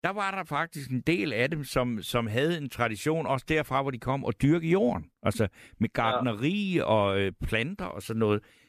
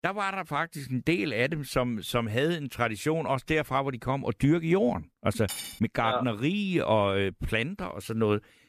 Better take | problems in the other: first | clattering dishes; noticeable; at 5.5 s; peak 8 dB below the speech

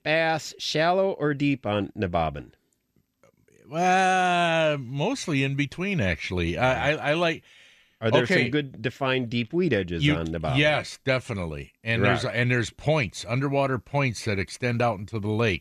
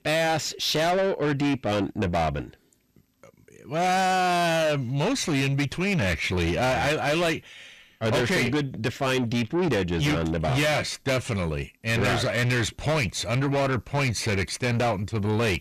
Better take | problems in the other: first | distortion; heavy; 7 dB below the speech

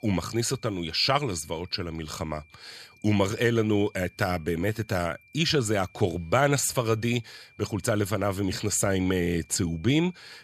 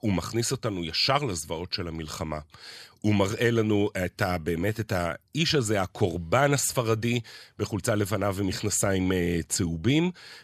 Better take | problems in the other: second | high-pitched whine; faint; throughout; 2.5 kHz, 30 dB below the speech

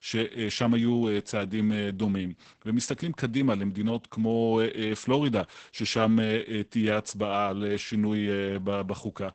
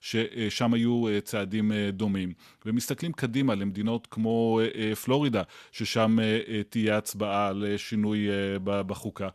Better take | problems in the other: second | garbled, watery; badly; nothing above 8 kHz

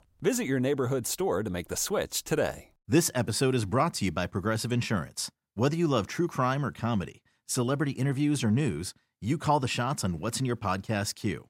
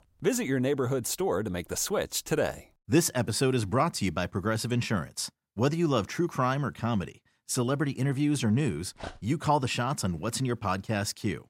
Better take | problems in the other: first | dog barking; faint; at 9 s; peak 15 dB below the speech

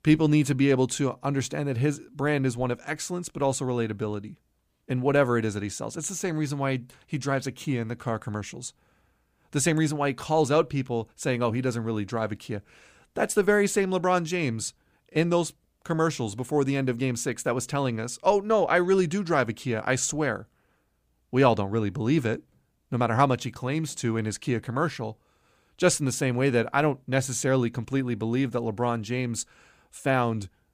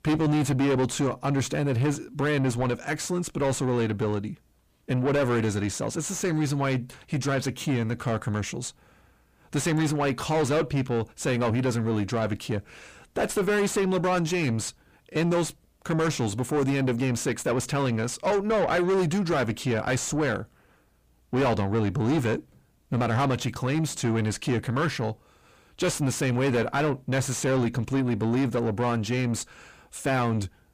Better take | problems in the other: first | distortion; heavy; 7 dB below the speech

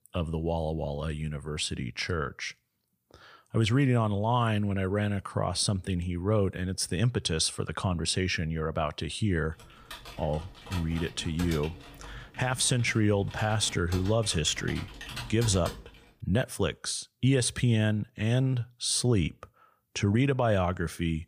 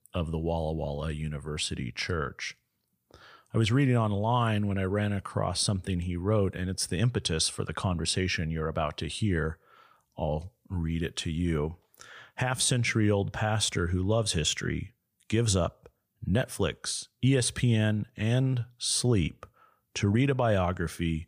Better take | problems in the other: second | keyboard typing; noticeable; from 9.5 to 16 s; peak 9 dB below the speech

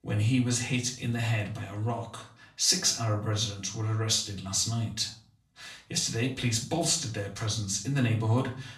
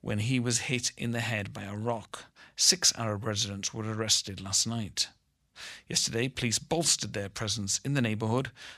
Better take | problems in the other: second | off-mic speech; far // room echo; slight; dies away in 0.4 s

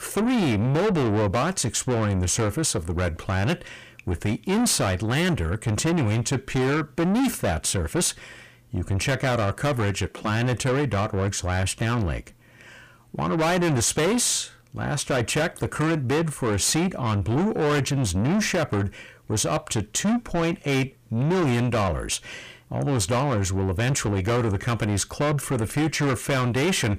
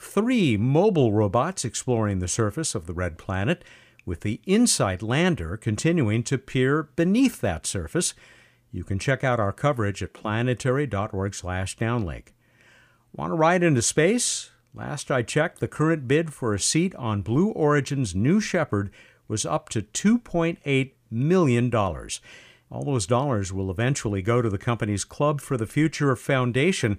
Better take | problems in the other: second | distortion; heavy; 6 dB below the speech

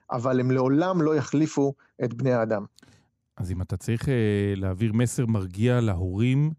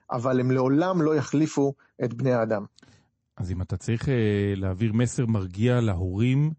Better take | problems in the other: first | garbled, watery; slightly; nothing above 8 kHz

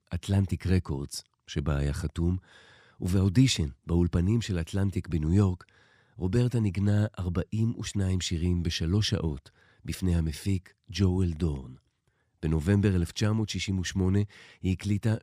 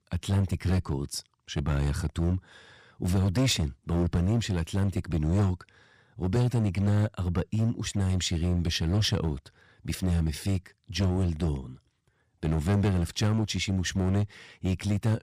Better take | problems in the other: first | distortion; slight; 8% of the sound clipped

